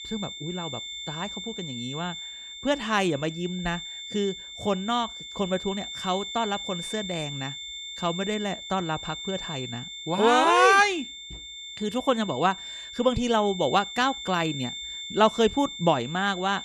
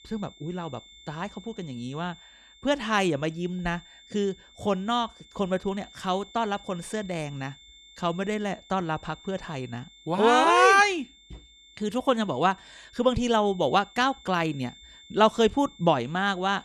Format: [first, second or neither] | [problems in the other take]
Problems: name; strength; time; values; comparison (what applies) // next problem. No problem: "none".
second | high-pitched whine; loud; throughout; 3.5 kHz, 9 dB below the speech; faint in the second